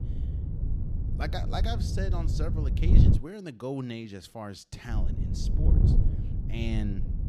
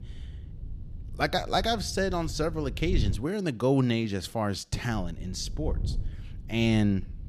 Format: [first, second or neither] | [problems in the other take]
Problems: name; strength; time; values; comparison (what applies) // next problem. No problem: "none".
second | wind noise on the microphone; heavy; until 3 s and from 5 s on; 2 dB below the speech; occasional gusts in the second